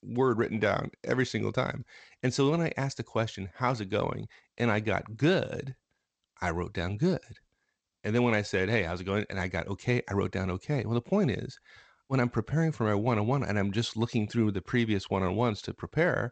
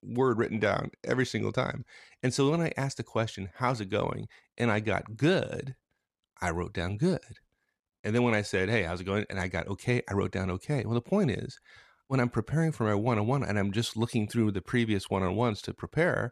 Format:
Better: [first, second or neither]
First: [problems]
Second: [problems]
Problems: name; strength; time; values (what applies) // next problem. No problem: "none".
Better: second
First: garbled, watery; slightly; nothing above 8 kHz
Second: none